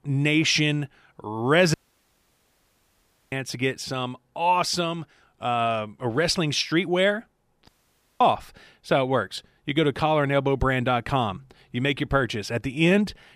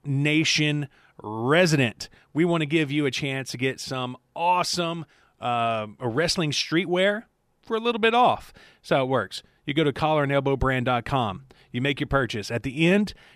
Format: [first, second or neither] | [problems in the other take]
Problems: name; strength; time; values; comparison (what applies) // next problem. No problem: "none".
second | audio cutting out; at 1.5 s for 1.5 s and at 7.5 s for 0.5 s